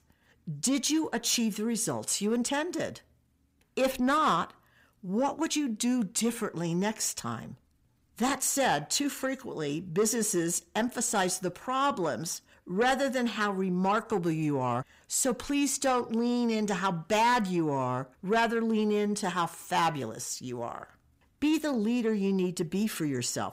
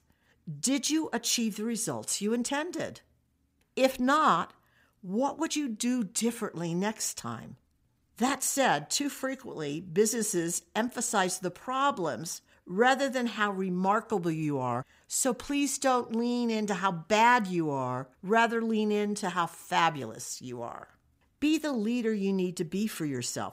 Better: second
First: distortion; slight; 10 dB below the speech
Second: none

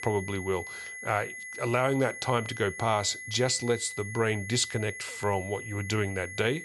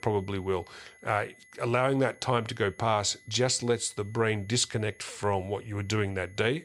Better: second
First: high-pitched whine; loud; throughout; 2 kHz, 9 dB below the speech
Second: high-pitched whine; faint; throughout; 2 kHz, 25 dB below the speech

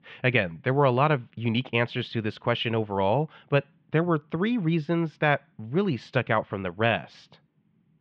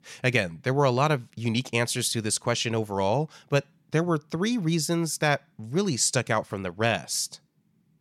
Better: second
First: muffled; very; fading above 3 kHz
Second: none

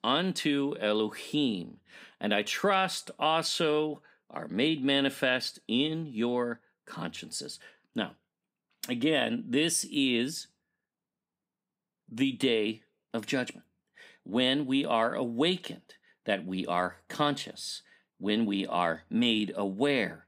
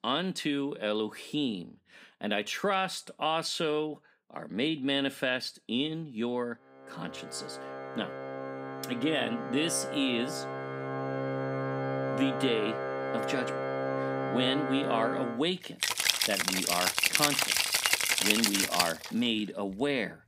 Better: first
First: none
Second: background music; very loud; from 7 s on; 2 dB above the speech

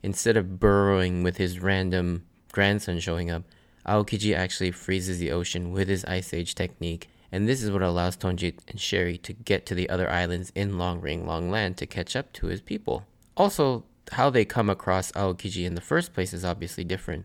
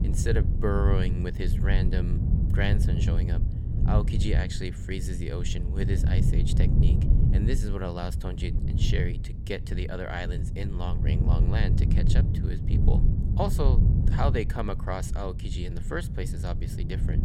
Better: first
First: none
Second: wind noise on the microphone; heavy; 5 dB below the speech

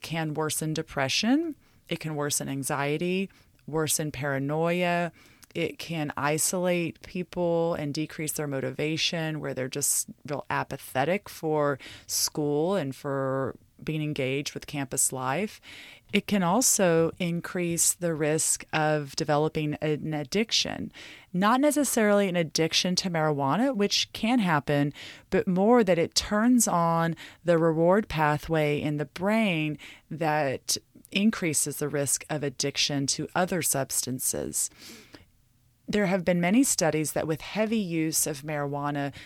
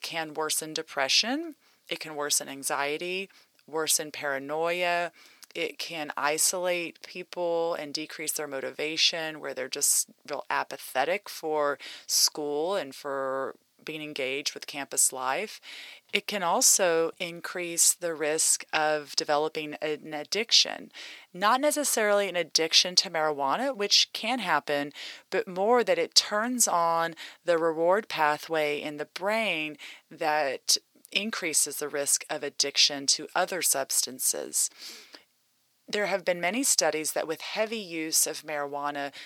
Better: first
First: none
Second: thin; somewhat; fading below 450 Hz

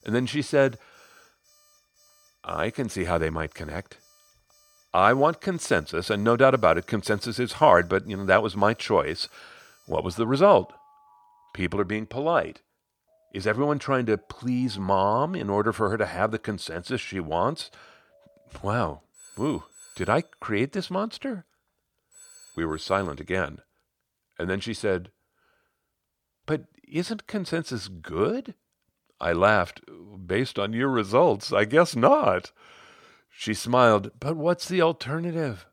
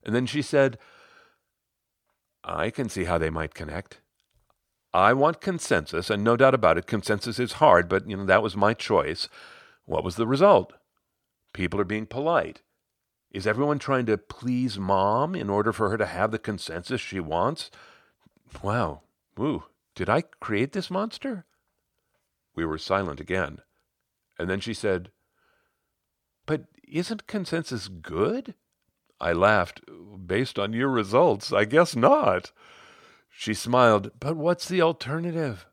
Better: second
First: alarms or sirens; faint; until 23 s; 30 dB below the speech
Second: none

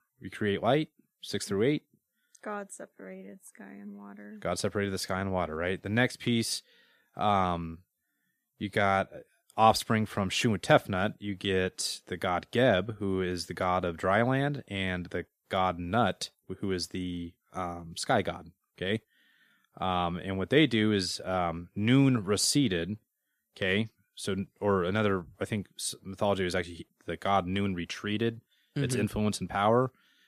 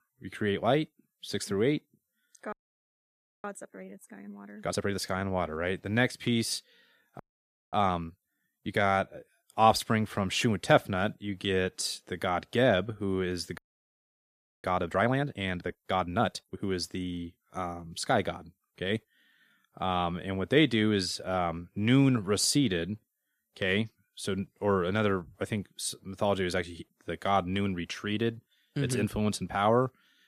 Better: first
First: none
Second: audio freezing; at 2.5 s for 1 s, at 7 s for 0.5 s and at 14 s for 1 s

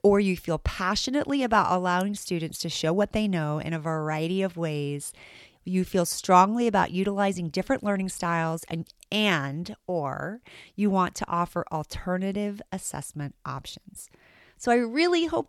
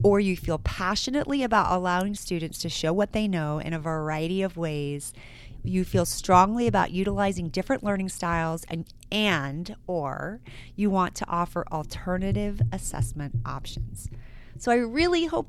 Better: first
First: none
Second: low rumble; faint; throughout; 25 dB below the speech

